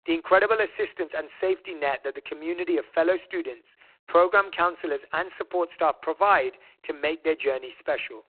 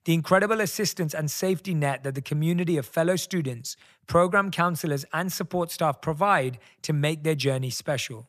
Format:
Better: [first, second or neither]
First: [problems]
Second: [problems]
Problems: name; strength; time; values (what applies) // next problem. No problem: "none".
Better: second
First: phone-call audio; poor line; nothing above 4 kHz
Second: none